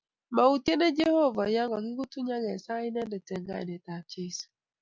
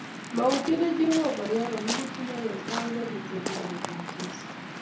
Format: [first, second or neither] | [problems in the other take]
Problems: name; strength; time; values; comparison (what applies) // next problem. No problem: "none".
first | background sound (Waves, surf); 6 dB below the speech // room echo; dies away in 0.6 s